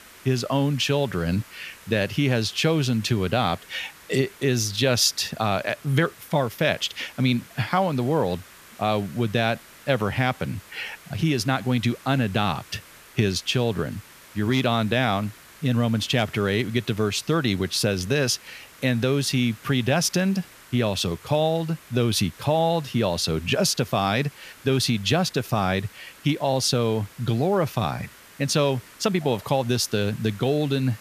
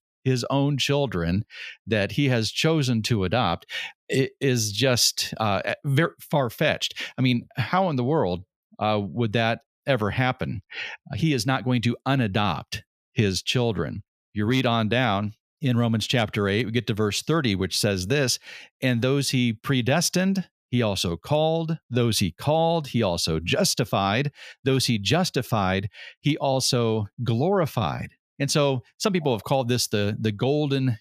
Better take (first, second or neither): second